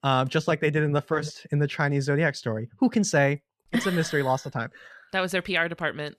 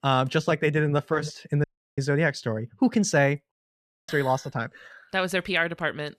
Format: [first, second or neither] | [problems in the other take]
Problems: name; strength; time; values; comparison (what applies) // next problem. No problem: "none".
first | audio cutting out; at 1.5 s and at 3.5 s for 0.5 s